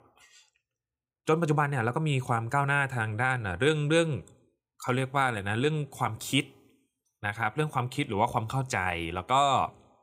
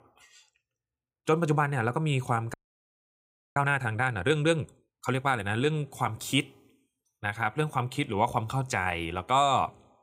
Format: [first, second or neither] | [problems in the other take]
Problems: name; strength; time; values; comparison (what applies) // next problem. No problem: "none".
first | audio freezing; at 2.5 s for 1 s